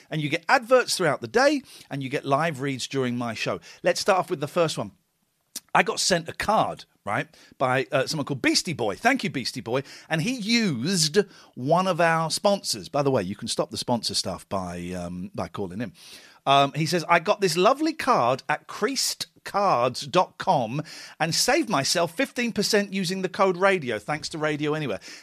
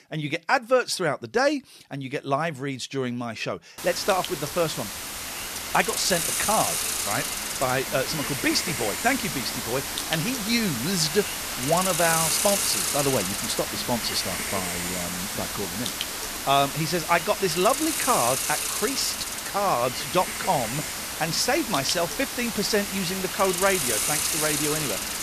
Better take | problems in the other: first | hiss; loud; from 4 s on; 1 dB below the speech

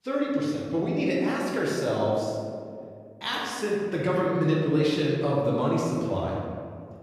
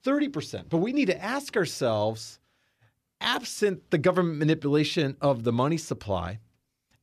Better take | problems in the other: second | room echo; noticeable; dies away in 2 s // off-mic speech; far

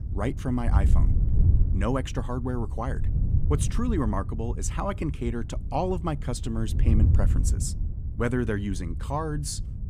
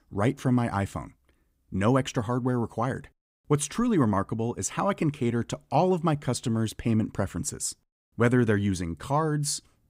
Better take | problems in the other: second | wind noise on the microphone; occasional gusts; 10 dB below the speech

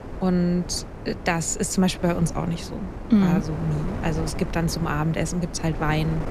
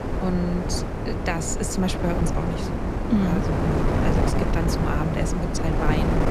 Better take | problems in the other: first | wind noise on the microphone; heavy; 2 dB above the speech; occasional gusts in the first

